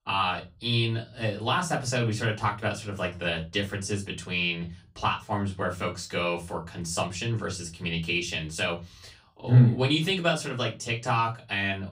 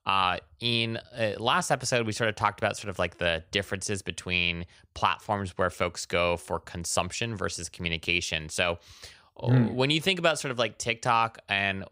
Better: second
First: off-mic speech; far // room echo; very slight; dies away in 0.3 s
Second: none

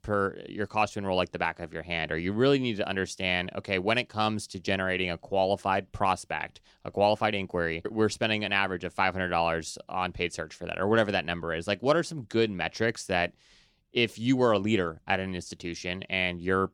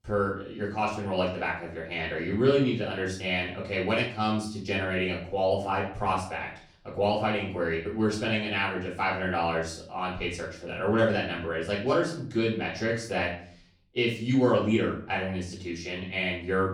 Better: first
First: none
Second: off-mic speech; far // room echo; noticeable; dies away in 0.5 s

